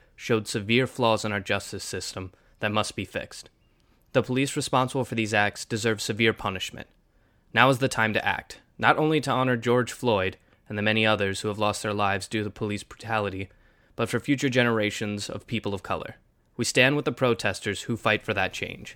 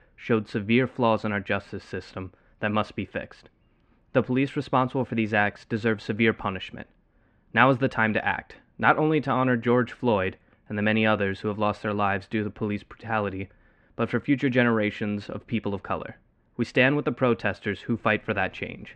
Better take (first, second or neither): first